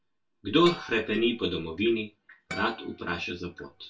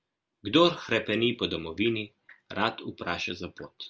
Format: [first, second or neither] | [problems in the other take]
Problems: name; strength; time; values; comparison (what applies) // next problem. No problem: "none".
second | background sound (Harp); 18 dB below the speech // room echo; dies away in 0.2 s